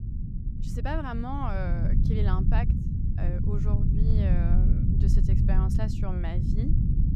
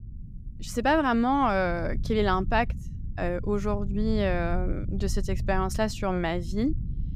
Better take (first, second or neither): second